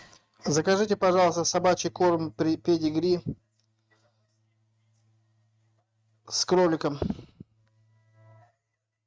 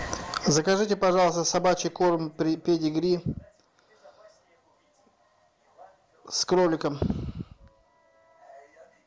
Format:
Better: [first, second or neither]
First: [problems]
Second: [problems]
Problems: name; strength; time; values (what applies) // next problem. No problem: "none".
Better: second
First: noise reduction (neural mask model RNNoise)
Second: none